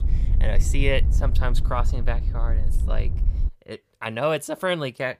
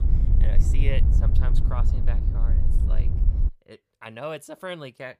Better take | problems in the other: first | wind noise on the microphone; heavy; until 3.5 s; 5 dB below the speech; occasional gusts in the first

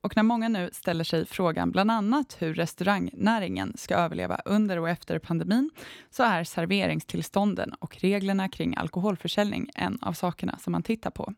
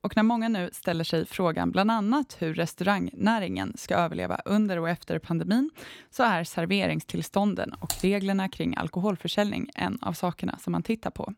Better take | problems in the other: first | keyboard typing; noticeable; at 8 s; peak 6 dB below the speech

